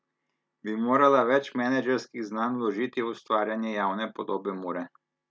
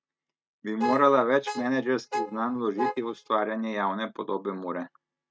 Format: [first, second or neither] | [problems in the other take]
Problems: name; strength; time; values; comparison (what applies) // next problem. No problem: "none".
first | noise reduction (neural mask model RNNoise)